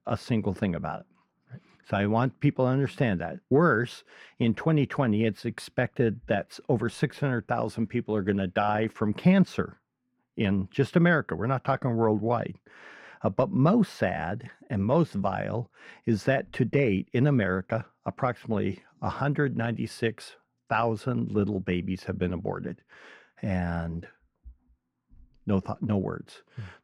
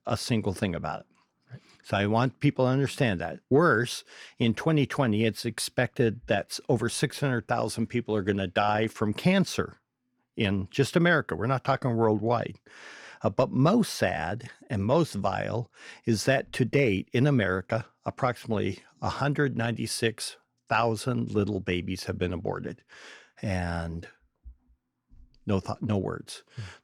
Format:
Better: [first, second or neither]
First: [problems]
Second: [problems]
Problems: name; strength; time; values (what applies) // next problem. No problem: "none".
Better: second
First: muffled; slightly; fading above 3.5 kHz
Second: none